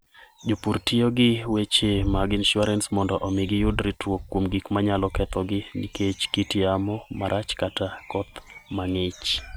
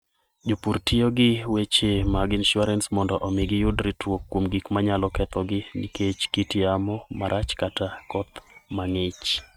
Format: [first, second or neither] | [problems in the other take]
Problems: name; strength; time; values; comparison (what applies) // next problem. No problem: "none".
first | noise reduction (neural mask model RNNoise)